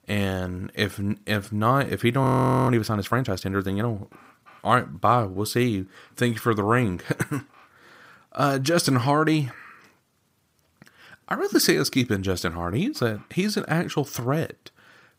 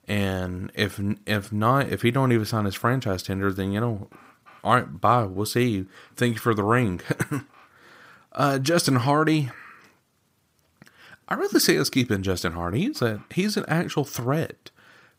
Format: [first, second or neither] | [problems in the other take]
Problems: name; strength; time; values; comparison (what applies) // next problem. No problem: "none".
second | audio freezing; at 2 s